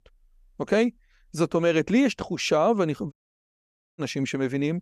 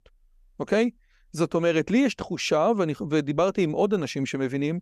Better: second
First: audio cutting out; at 3 s for 1 s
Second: none

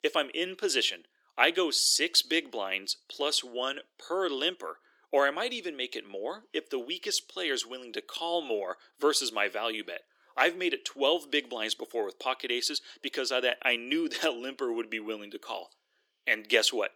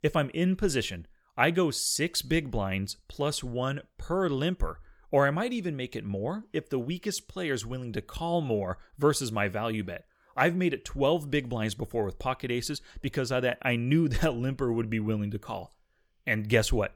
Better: second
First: thin; somewhat; fading below 300 Hz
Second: none

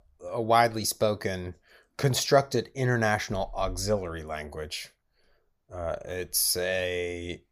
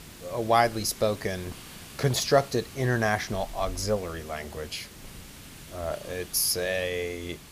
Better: first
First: none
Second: hiss; noticeable; throughout; 15 dB below the speech

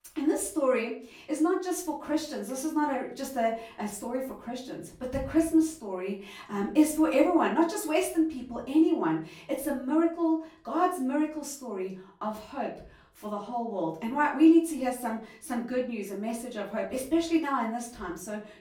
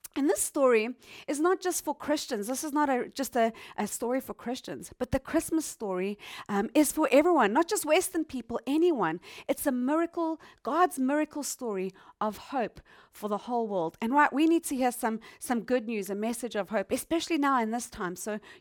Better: second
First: off-mic speech; far // room echo; slight; dies away in 0.4 s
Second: none

